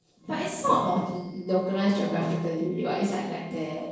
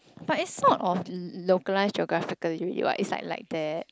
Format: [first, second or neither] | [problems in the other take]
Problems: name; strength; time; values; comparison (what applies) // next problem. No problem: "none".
second | noise reduction (neural separator model SepFormer DNS4)